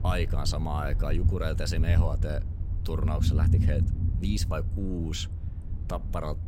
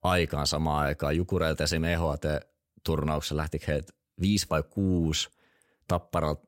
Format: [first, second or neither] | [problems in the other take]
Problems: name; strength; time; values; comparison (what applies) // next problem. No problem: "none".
second | low rumble; loud; throughout; 8 dB below the speech